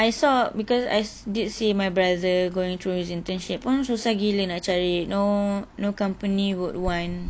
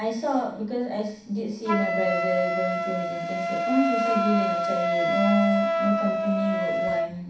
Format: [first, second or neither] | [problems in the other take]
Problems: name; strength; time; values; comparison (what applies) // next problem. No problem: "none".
first | background sound (Wind instrument, woodwind instrument); 1 dB above the speech // room echo; dies away in 0.7 s